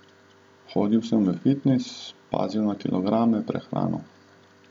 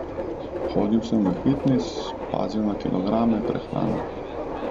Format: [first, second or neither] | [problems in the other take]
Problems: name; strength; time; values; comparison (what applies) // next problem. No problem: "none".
first | background sound (Subway, metro, underground); 5 dB below the speech